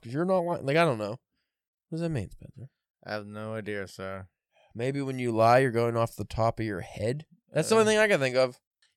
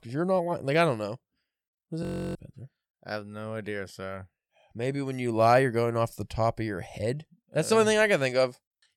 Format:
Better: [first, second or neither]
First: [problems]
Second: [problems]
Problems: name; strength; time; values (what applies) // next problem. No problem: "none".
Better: first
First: none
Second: audio freezing; at 2 s